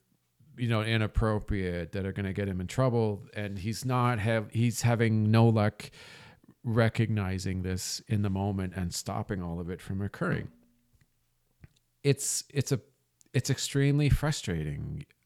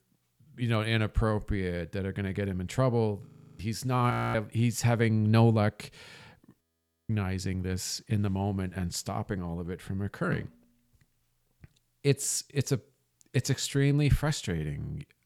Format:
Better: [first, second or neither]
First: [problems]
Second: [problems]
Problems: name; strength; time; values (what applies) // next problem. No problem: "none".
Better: first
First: none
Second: audio freezing; at 3.5 s, at 4 s and at 6.5 s